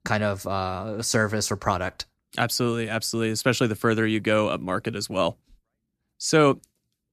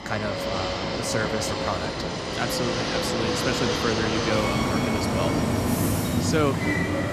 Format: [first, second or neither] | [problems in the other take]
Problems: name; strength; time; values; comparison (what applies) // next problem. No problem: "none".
first | train or aircraft noise; very loud; throughout; 4 dB above the speech